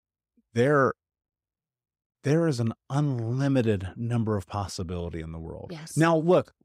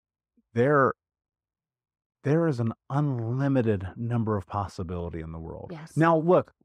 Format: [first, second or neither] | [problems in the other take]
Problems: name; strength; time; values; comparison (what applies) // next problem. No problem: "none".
first | muffled; slightly; fading above 3 kHz